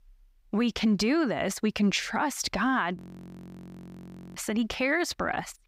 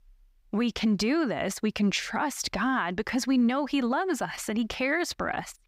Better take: second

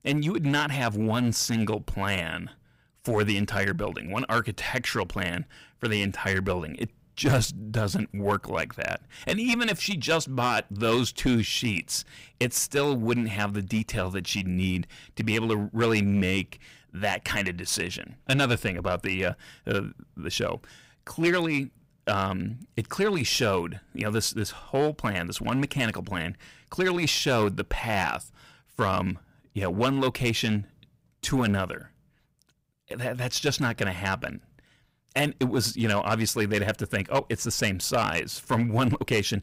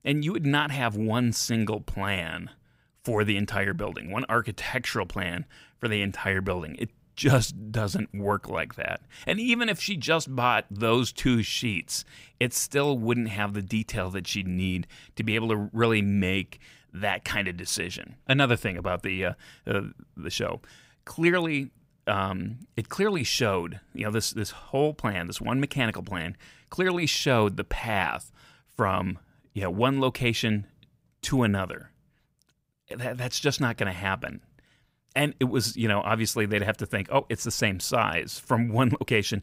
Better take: second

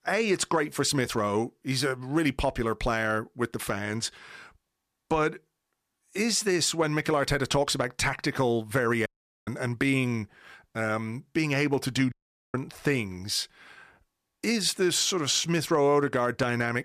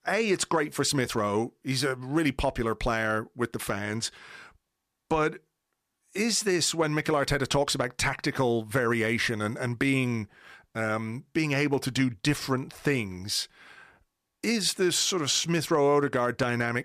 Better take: second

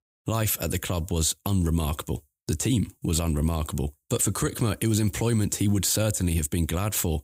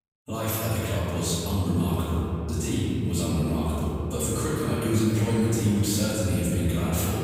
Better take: first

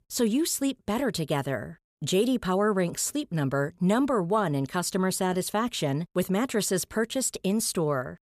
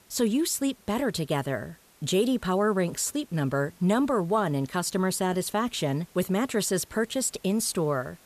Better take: first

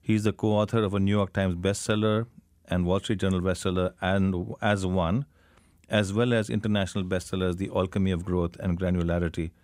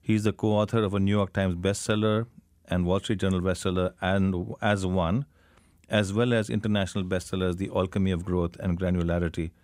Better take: neither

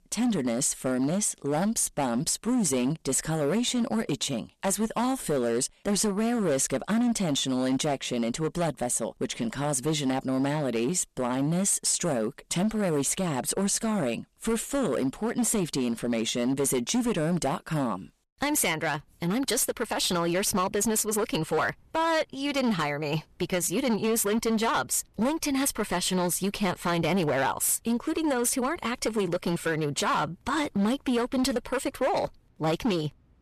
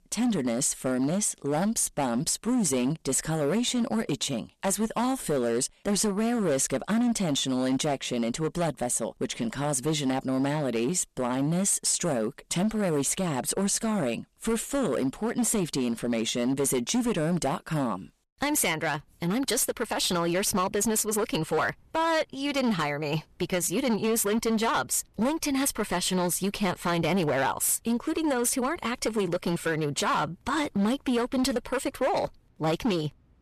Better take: neither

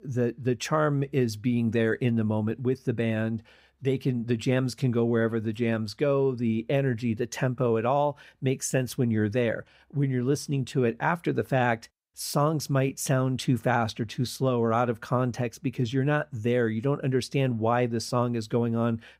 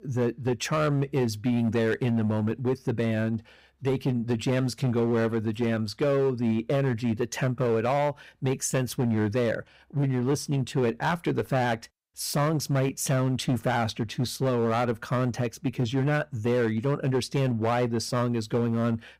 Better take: first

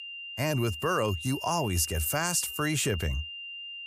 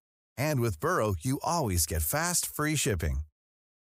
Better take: second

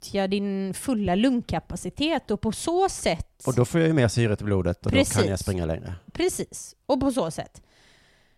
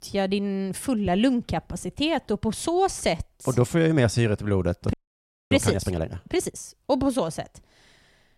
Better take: first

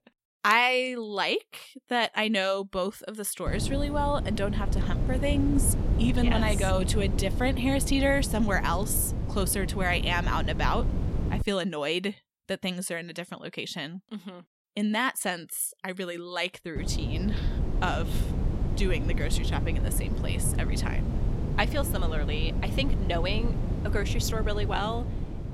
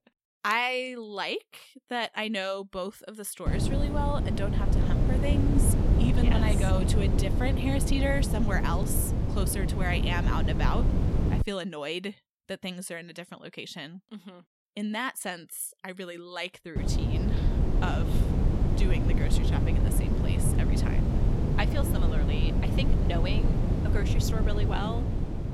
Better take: first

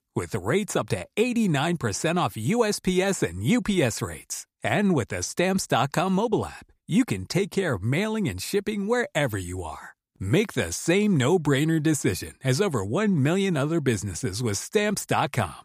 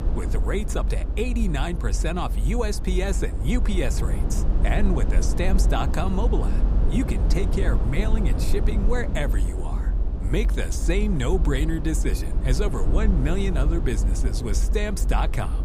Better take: first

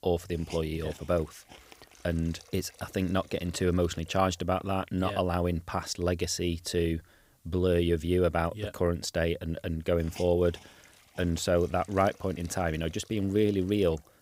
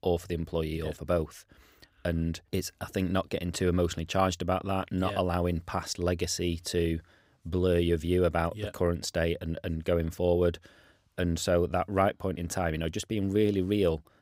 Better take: second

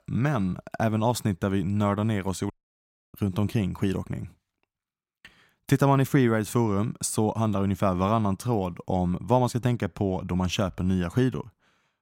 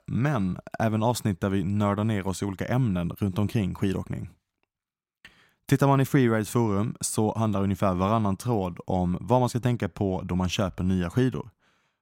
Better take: second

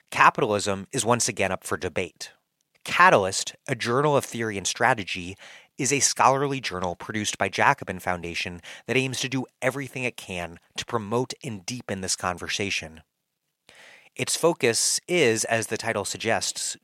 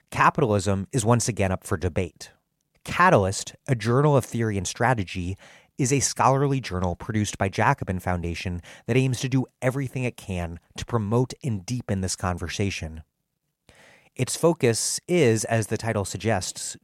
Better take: second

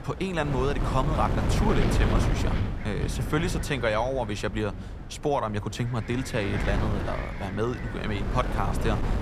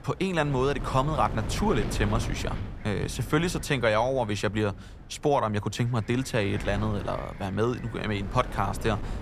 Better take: second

